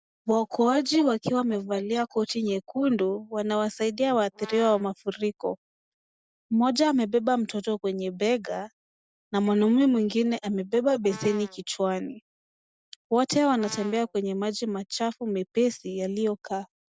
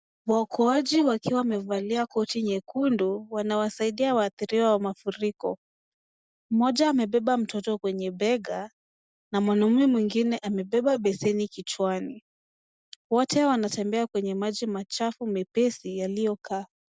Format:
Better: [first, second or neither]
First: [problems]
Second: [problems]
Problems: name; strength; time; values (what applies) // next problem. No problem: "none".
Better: second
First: background sound (Brass instrument); 19 dB below the speech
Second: none